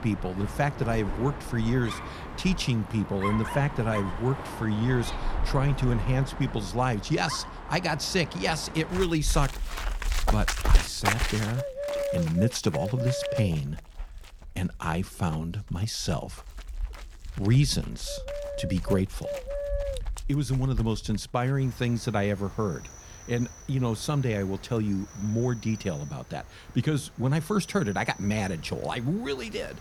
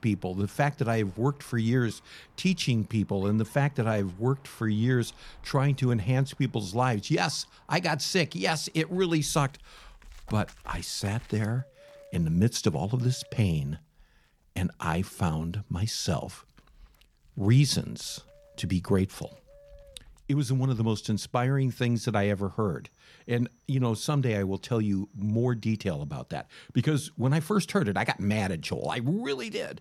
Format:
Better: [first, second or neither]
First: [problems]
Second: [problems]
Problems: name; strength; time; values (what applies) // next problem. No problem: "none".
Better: second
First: animal sounds; loud; throughout; 6 dB below the speech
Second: animal sounds; faint; throughout; 30 dB below the speech